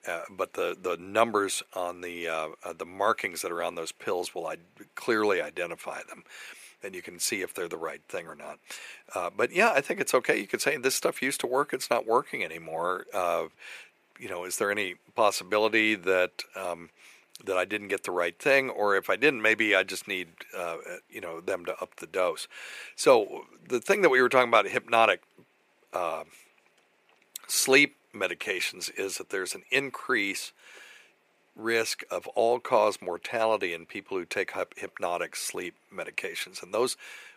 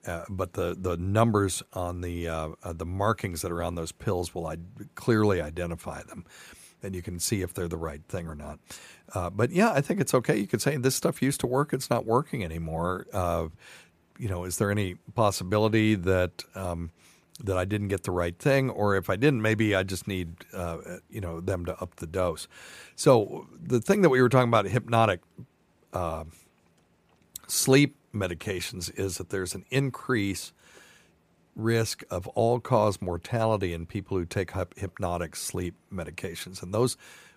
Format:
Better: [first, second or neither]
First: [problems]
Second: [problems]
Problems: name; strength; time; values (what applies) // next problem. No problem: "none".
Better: second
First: thin; somewhat; fading below 450 Hz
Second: none